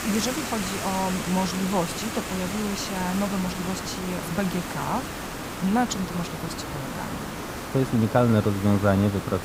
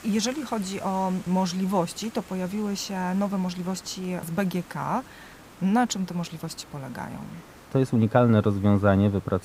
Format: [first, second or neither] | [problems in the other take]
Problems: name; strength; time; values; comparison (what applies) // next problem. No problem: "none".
second | hiss; loud; throughout; 6 dB below the speech; faint in the second